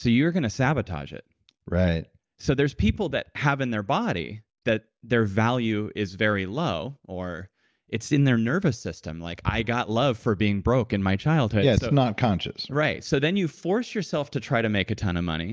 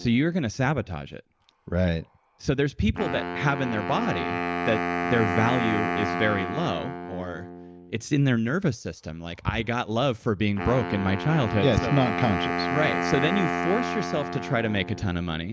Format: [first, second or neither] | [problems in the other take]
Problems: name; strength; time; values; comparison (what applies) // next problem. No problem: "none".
first | background sound (Wind instrument, woodwind instrument); 5 dB below the speech